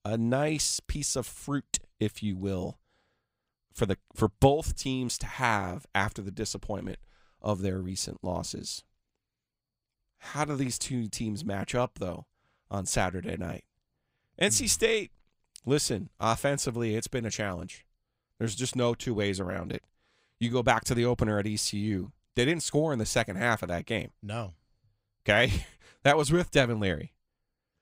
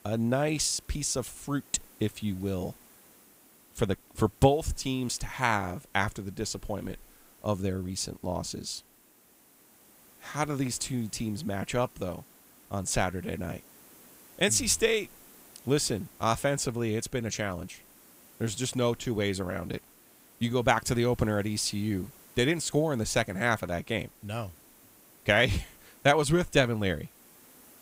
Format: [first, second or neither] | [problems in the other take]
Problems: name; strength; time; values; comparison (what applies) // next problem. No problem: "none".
first | hiss; faint; throughout; 25 dB below the speech